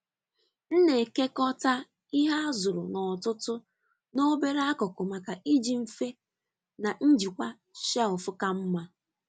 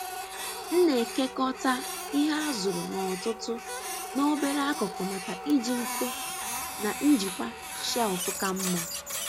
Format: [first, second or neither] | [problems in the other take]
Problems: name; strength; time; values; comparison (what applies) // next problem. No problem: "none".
first | background sound (Printer); 6 dB below the speech